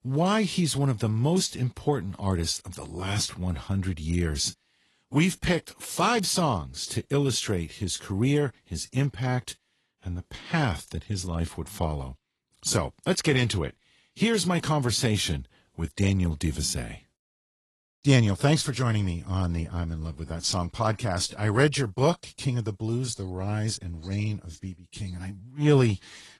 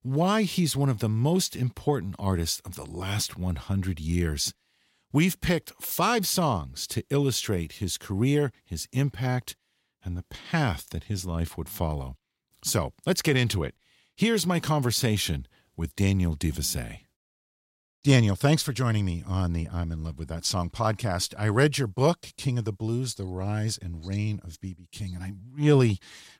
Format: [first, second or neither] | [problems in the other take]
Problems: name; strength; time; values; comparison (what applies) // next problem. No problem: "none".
second | garbled, watery; slightly; nothing above 11.5 kHz